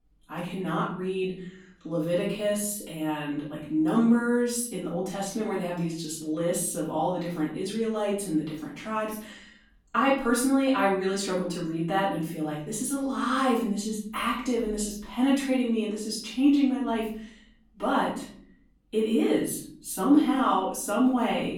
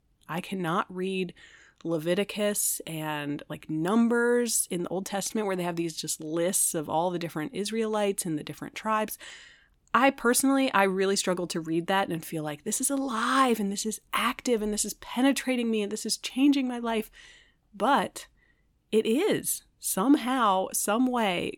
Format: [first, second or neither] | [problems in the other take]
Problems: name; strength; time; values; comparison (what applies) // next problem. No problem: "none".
second | off-mic speech; far // room echo; noticeable; dies away in 0.6 s